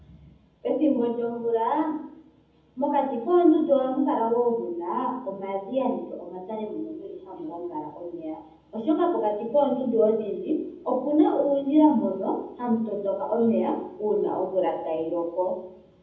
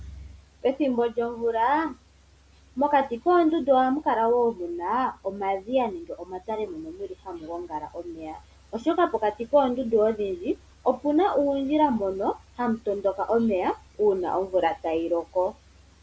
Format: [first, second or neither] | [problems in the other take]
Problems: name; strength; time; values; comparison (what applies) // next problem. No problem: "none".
second | room echo; dies away in 0.8 s